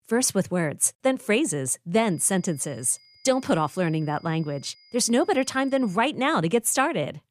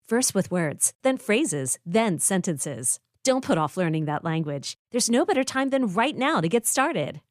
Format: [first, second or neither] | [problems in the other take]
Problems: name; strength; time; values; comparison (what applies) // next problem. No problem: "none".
second | high-pitched whine; faint; from 2 to 6 s; 5 kHz, 30 dB below the speech